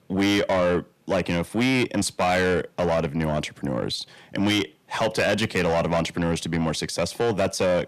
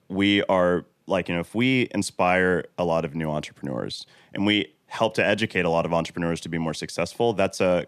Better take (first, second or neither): second